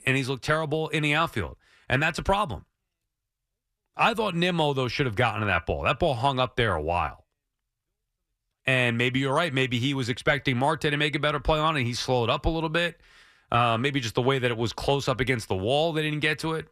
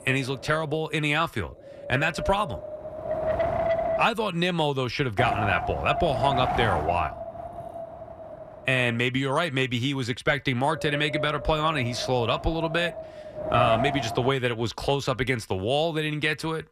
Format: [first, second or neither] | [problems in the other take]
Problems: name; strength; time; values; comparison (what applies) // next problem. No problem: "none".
first | wind noise on the microphone; heavy; until 4 s, from 5 to 9 s and from 11 to 14 s; 4 dB below the speech